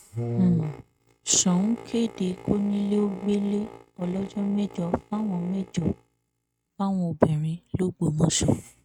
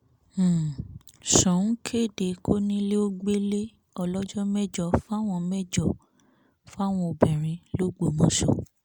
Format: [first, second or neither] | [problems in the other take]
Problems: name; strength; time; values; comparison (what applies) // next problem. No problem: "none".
second | noise reduction (neural mask model RNNoise)